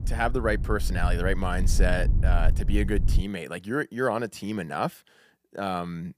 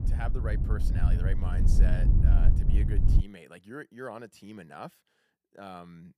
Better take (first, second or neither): first